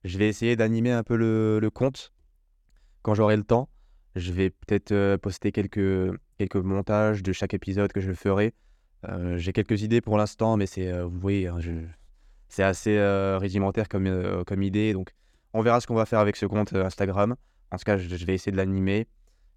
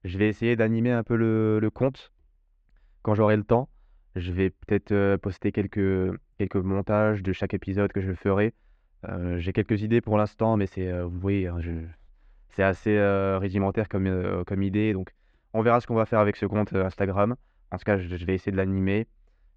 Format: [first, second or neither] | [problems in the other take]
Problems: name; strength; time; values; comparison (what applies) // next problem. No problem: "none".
first | muffled; slightly; fading above 2.5 kHz